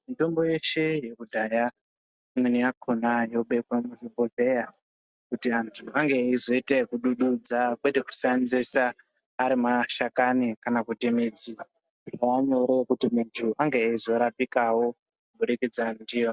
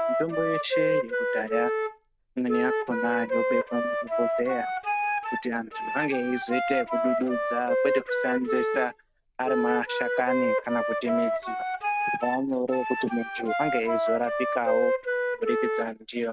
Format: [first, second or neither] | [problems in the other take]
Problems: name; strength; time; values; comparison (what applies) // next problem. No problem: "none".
first | background sound (Wind instrument, woodwind instrument); 2 dB above the speech